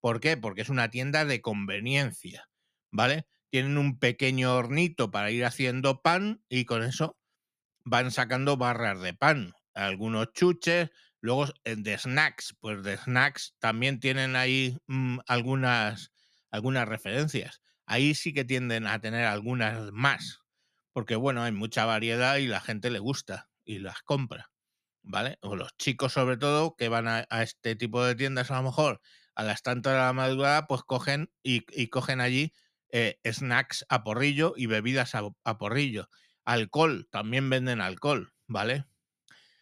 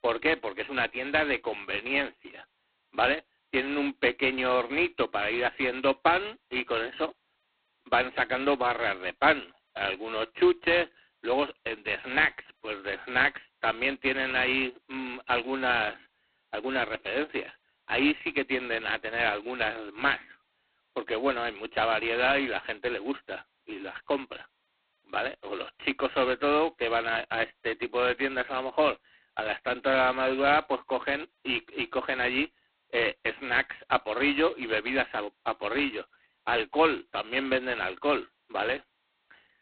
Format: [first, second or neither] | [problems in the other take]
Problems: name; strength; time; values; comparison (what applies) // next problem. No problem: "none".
first | phone-call audio; poor line; nothing above 4 kHz